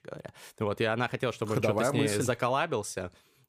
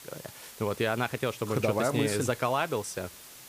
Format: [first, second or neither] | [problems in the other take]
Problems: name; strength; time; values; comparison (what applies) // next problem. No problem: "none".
first | hiss; noticeable; throughout; 15 dB below the speech